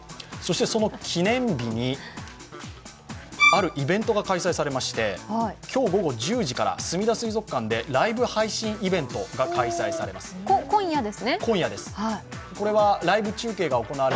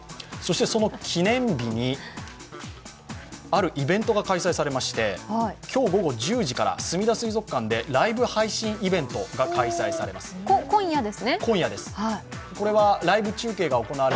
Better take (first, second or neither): second